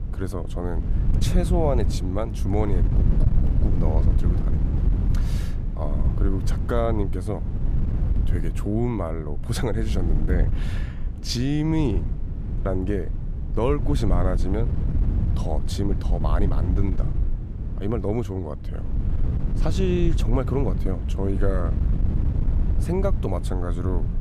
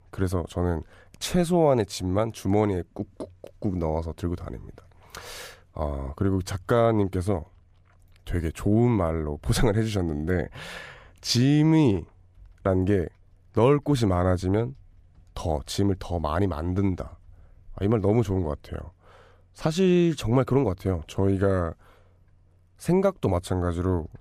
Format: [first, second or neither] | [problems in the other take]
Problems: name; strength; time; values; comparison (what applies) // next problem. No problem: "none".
second | wind noise on the microphone; heavy; 9 dB below the speech